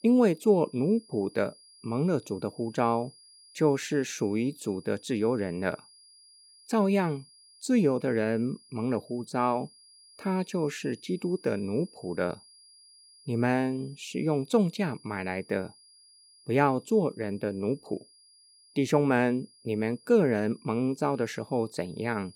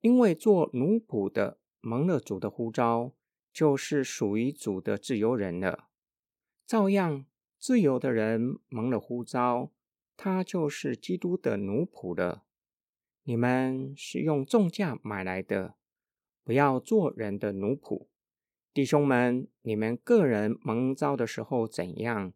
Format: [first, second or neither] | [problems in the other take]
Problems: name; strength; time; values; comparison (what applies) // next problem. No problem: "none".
second | high-pitched whine; faint; throughout; 5 kHz, 25 dB below the speech